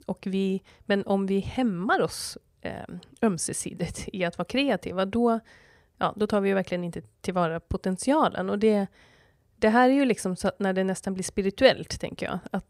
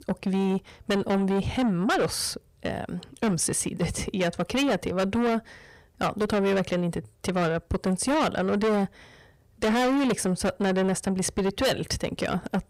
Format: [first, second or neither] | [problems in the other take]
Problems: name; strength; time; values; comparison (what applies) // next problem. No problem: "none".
first | distortion; heavy; 6 dB below the speech